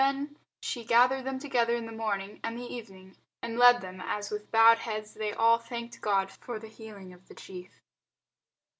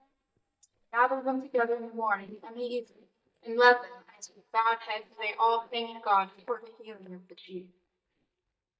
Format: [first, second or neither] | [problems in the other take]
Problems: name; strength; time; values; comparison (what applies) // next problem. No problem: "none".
first | noise reduction (neural mask model DeepFilterNet 3)